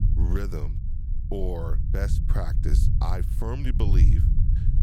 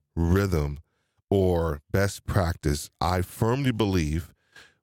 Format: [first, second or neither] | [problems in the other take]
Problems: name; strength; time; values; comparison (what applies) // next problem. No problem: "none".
second | low rumble; loud; throughout; 5 dB below the speech